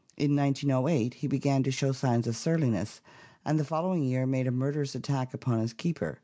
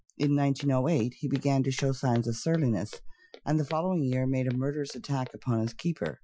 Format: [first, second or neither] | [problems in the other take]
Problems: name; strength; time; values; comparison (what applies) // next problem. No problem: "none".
first | noise reduction (classical method Wiener filter)